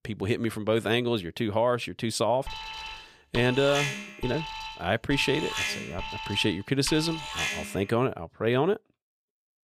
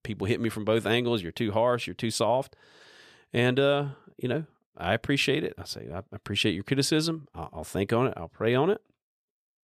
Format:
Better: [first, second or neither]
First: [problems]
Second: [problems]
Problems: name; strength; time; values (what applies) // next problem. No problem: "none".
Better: second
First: alarm; noticeable; from 2.5 to 8 s; peak 2 dB below the speech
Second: none